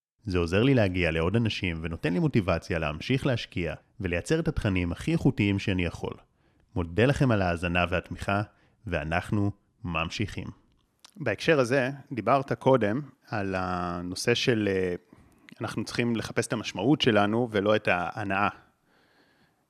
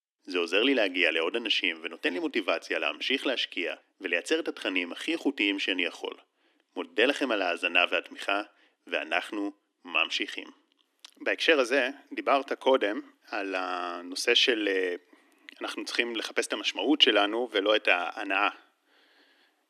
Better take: first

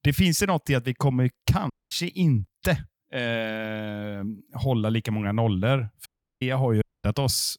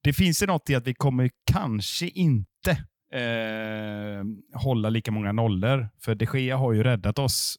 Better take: second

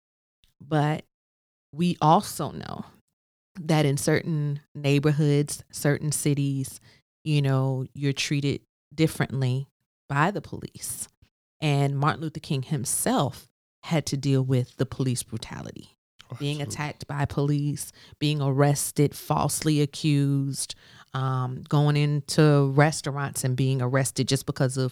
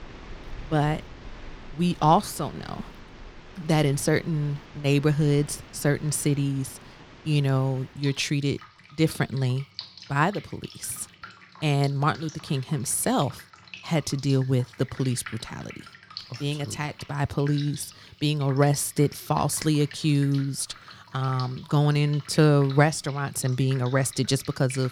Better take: first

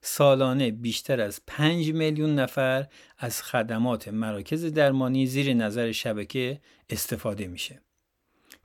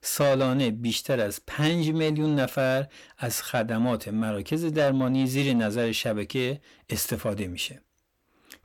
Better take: first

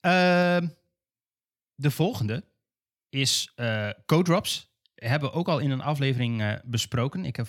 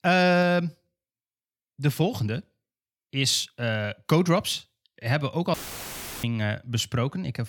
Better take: first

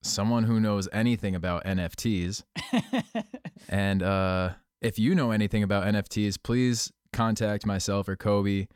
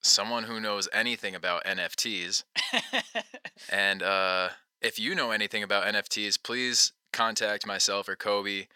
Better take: first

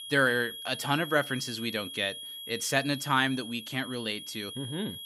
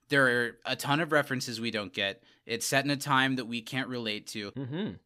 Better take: second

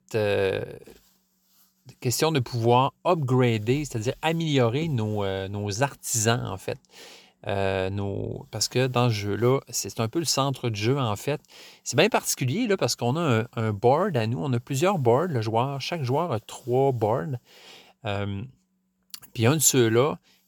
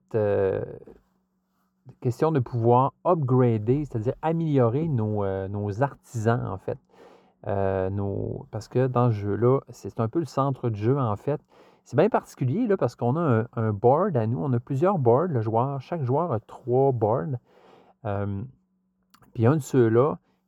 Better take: first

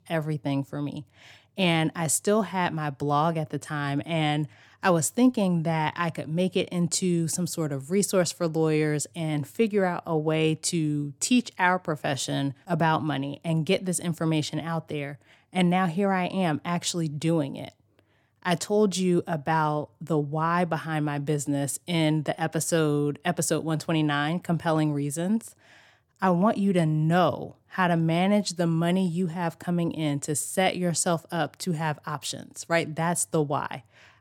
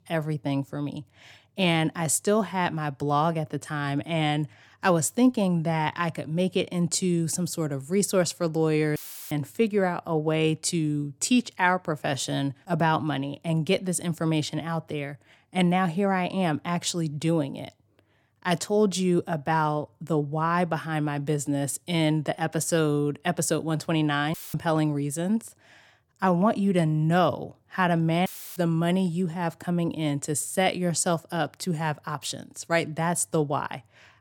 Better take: first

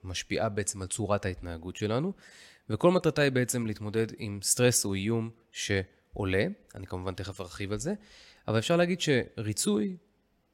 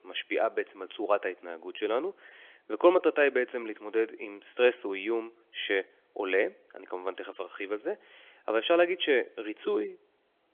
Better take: first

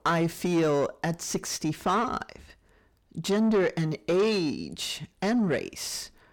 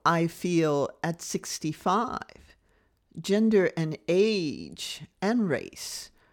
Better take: second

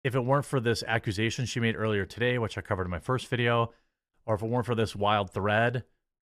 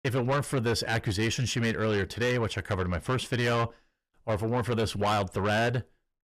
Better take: first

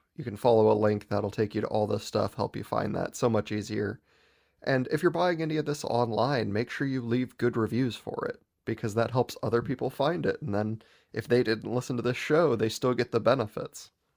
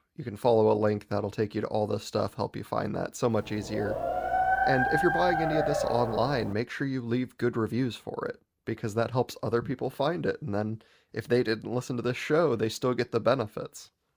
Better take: first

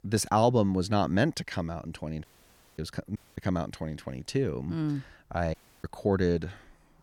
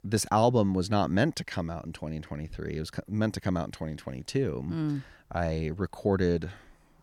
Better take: second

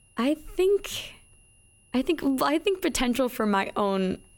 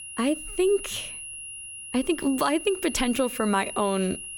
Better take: first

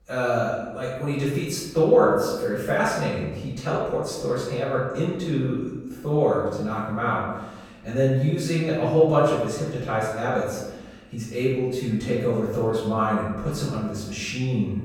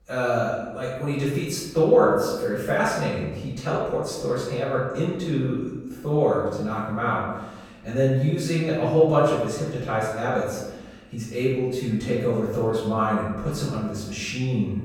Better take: neither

